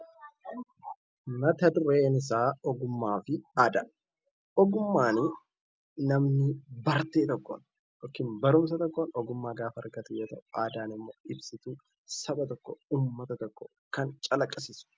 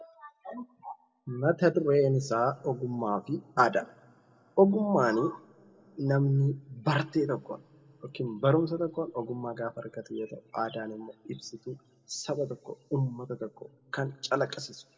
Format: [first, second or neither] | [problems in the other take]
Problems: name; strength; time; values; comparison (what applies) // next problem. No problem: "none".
first | room echo; dies away in 1.7 s